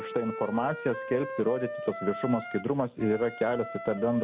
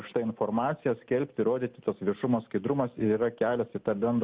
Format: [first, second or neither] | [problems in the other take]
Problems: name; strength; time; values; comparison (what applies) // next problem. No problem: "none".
second | background sound (Wind instrument, woodwind instrument); 9 dB below the speech